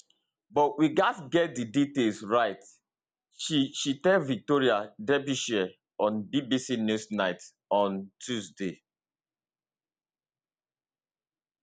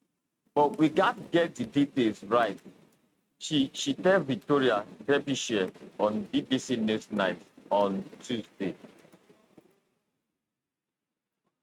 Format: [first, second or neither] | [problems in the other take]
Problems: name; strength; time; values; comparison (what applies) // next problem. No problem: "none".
first | noise reduction (neural mask model RNNoise)